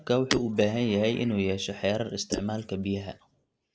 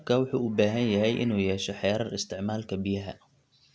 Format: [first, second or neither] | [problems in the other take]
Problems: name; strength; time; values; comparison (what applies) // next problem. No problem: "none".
second | noise reduction (neural mask model Resemble Enhance denoiser)